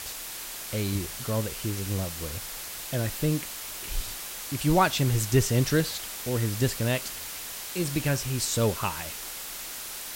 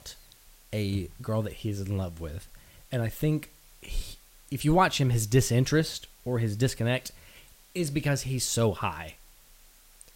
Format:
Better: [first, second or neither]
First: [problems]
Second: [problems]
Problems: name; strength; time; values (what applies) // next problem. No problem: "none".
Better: second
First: hiss; loud; throughout; 7 dB below the speech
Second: hiss; faint; throughout; 25 dB below the speech